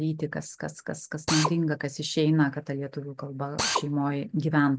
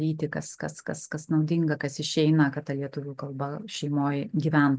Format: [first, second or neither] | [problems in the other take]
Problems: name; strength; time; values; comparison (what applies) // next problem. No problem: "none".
second | background sound (Drill); 3 dB below the speech